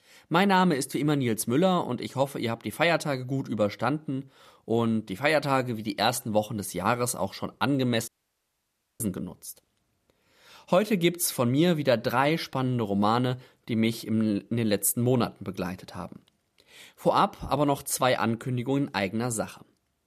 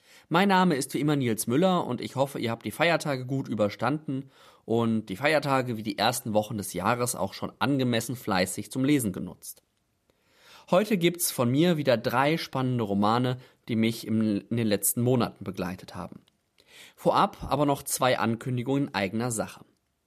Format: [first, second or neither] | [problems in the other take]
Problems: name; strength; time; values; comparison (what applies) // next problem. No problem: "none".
second | audio cutting out; at 8 s for 1 s